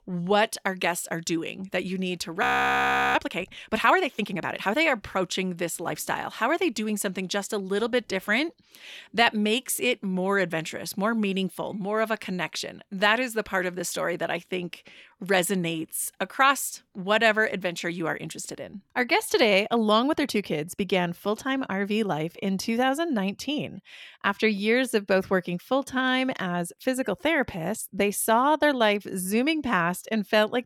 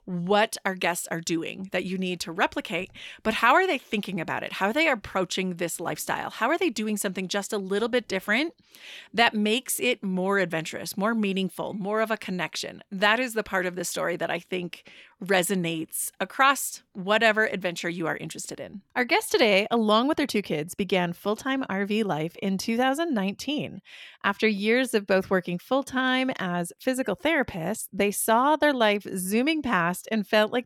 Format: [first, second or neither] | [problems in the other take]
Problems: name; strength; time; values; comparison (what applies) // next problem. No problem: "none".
second | audio freezing; at 2.5 s for 0.5 s